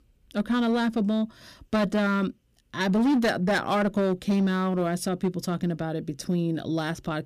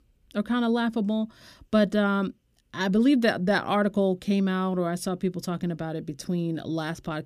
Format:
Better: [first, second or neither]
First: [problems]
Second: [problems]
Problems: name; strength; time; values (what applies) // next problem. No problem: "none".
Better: second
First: distortion; slight; 8% of the sound clipped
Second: none